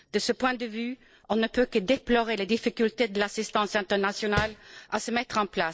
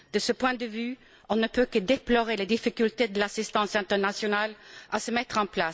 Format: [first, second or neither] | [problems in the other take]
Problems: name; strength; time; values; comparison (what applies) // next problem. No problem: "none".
second | noise reduction (neural separator model SepFormer DNS4)